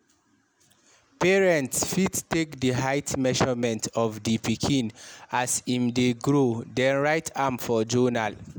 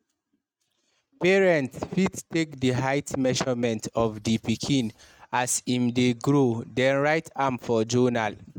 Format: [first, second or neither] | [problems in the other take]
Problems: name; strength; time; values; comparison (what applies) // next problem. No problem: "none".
first | noise reduction (neural mask model RNNoise)